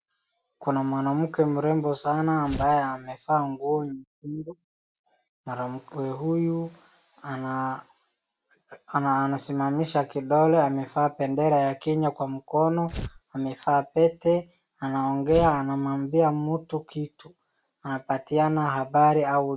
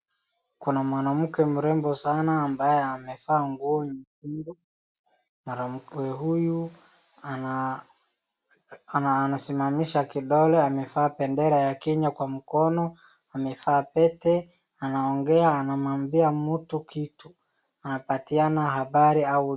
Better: second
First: background sound (Tearing); 9 dB below the speech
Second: none

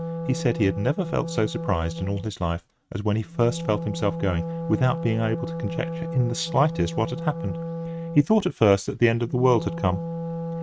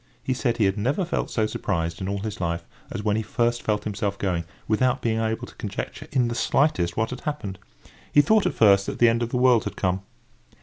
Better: second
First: noise reduction (neural mask model RNNoise)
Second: none

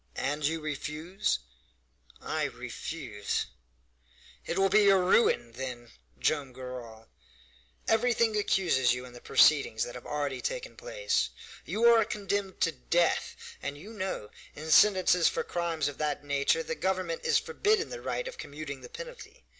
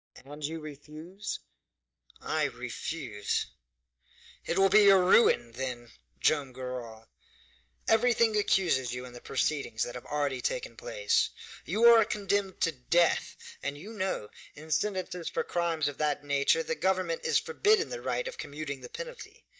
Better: first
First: none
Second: noise reduction (neural mask model DeepFilterNet 3)

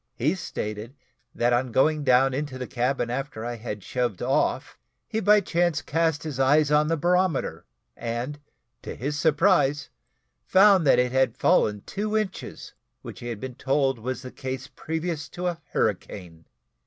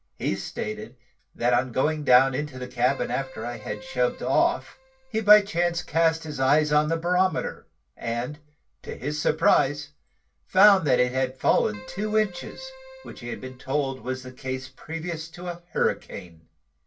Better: first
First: none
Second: background sound (Keyboard (musical)); 20 dB below the speech // room echo; dies away in 0.2 s

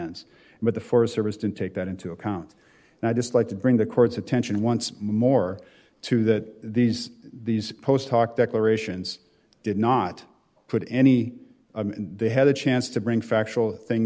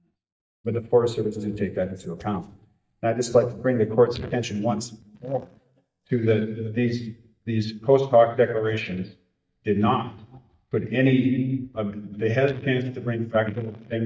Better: first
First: none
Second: noise reduction (neural mask model DeepFilterNet 3)

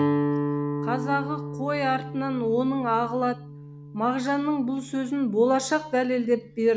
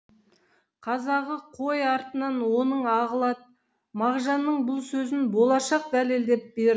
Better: second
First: background sound (Guitar); 6 dB below the speech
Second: none

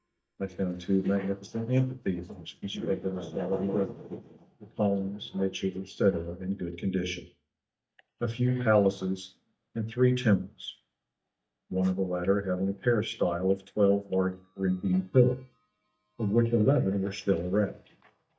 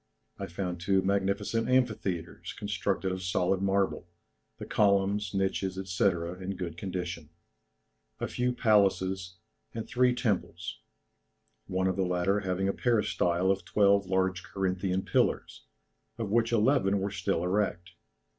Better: second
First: noise reduction (neural mask model DeepFilterNet 3)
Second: none

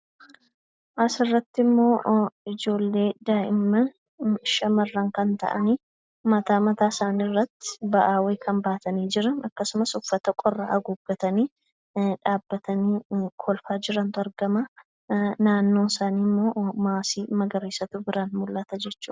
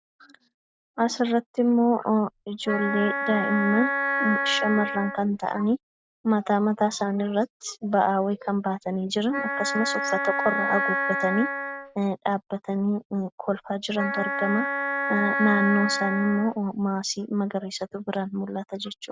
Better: first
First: none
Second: background sound (Wind instrument, woodwind instrument); 2 dB below the speech

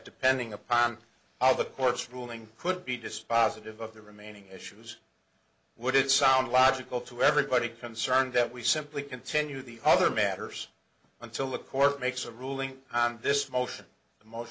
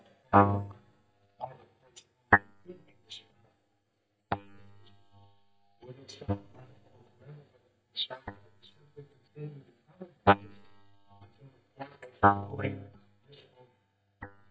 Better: first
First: none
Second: noise reduction (neural mask model DeepFilterNet 3)

